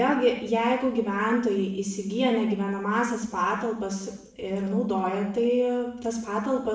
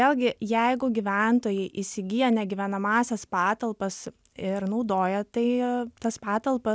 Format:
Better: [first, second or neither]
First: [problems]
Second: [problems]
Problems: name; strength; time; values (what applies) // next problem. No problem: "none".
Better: second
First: room echo; dies away in 0.7 s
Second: none